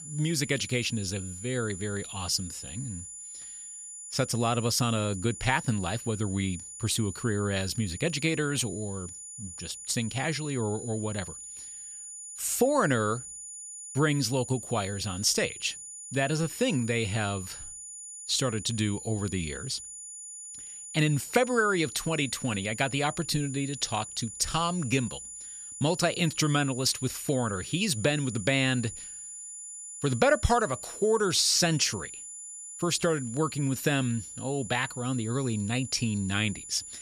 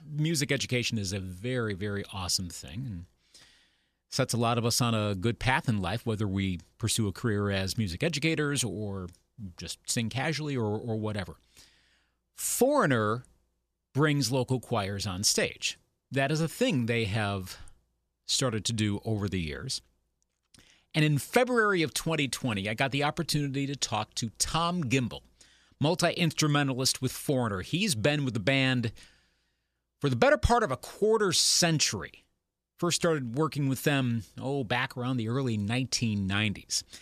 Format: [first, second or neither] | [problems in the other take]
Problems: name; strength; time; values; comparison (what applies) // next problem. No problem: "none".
second | high-pitched whine; noticeable; throughout; 7 kHz, 10 dB below the speech